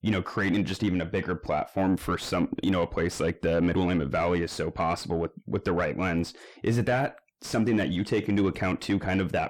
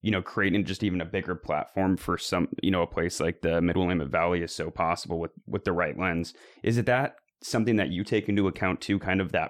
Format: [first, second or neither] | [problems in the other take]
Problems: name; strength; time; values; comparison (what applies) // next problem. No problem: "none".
second | distortion; slight; 10 dB below the speech